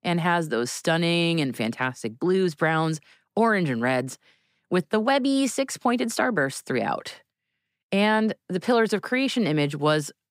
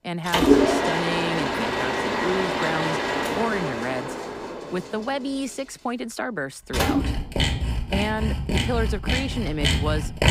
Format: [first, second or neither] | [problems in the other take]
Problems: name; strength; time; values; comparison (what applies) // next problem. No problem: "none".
first | machinery noise; very loud; throughout; 5 dB above the speech